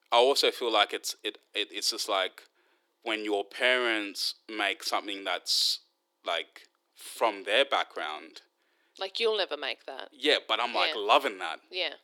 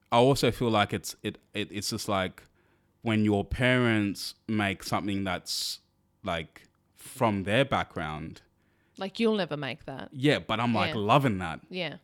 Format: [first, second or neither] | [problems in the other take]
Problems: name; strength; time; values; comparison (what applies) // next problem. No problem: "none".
second | thin; very; fading below 350 Hz